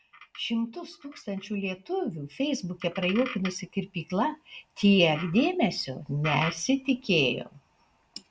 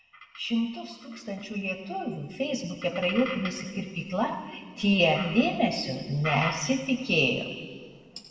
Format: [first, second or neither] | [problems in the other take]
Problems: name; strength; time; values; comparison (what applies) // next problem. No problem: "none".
first | room echo; dies away in 1.8 s